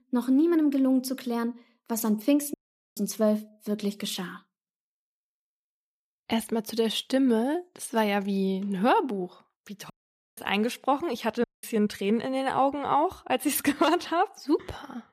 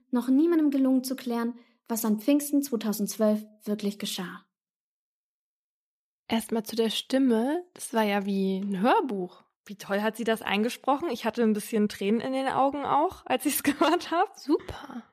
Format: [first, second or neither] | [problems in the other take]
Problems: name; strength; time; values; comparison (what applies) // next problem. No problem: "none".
second | audio cutting out; at 2.5 s, at 10 s and at 11 s